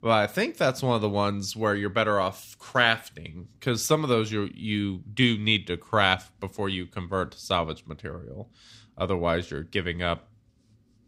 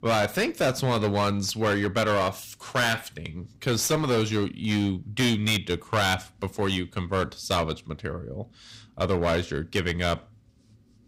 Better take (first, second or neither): first